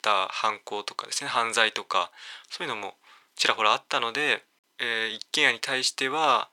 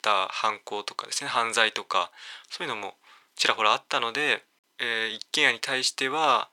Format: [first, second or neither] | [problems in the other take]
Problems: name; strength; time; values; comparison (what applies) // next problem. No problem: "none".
neither | thin; very; fading below 950 Hz; the same in both